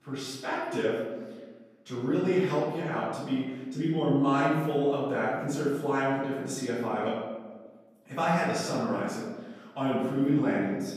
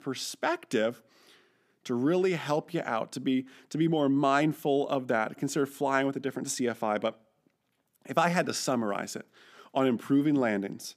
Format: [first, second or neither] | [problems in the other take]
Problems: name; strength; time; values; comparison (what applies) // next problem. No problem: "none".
second | off-mic speech; far // room echo; strong; dies away in 1.2 s